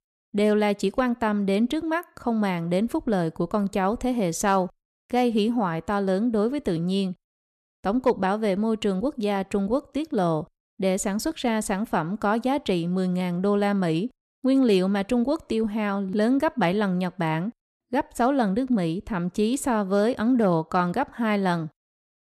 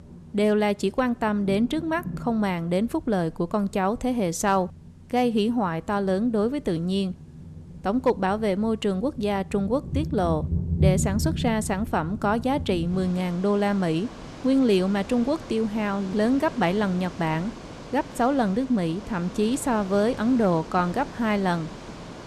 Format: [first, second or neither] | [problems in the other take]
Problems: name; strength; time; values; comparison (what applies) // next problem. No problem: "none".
first | rain or running water; loud; throughout; 10 dB below the speech